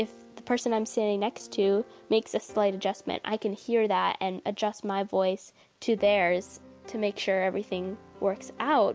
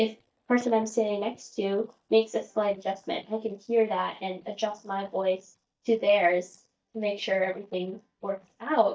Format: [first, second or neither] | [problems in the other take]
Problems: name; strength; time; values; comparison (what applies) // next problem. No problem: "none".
first | noise reduction (neural mask model DeepFilterNet 3)